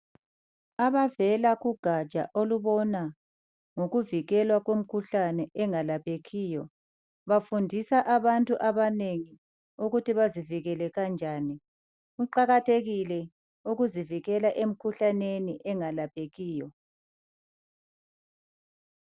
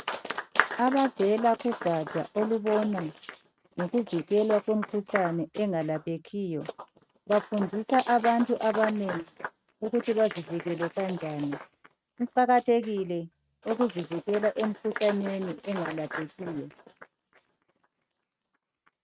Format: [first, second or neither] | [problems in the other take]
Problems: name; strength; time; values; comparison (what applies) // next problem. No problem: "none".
first | noise reduction (neural mask model RNNoise)